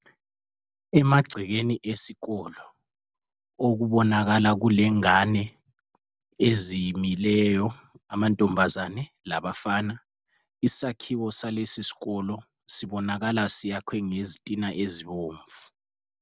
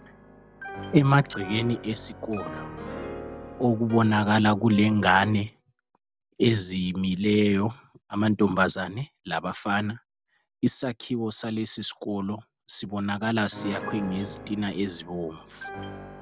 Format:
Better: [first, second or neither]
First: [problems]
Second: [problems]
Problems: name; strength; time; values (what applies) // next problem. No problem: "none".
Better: first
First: none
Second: background sound (Piano); 16 dB below the speech